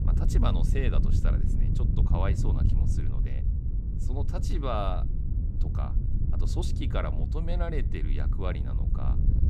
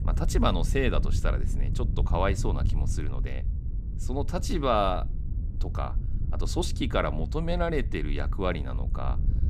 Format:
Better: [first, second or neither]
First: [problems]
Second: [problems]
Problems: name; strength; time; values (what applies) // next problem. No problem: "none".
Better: second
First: wind noise on the microphone; heavy; 6 dB below the speech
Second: wind noise on the microphone; occasional gusts; 15 dB below the speech